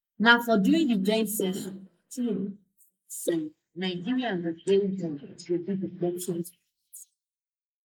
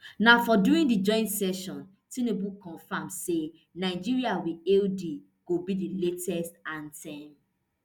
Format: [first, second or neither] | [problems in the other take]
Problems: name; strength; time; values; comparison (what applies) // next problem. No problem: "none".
second | noise reduction (neural mask model Resemble Enhance denoiser)